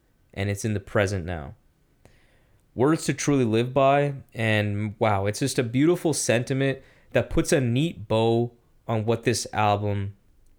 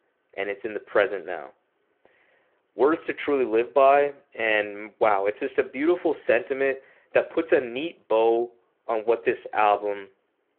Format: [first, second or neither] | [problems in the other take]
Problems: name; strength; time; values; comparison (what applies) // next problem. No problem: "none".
first | phone-call audio